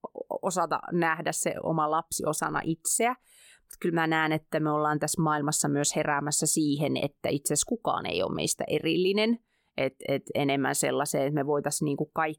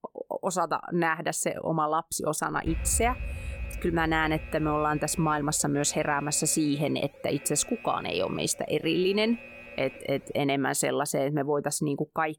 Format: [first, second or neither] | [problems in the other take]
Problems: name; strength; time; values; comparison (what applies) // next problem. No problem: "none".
first | alarm; noticeable; from 2.5 to 10 s; peak 6 dB below the speech